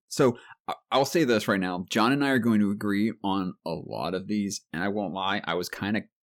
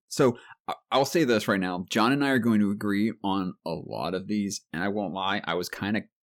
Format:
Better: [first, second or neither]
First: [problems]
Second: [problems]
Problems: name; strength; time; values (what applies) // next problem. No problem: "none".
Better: neither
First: none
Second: none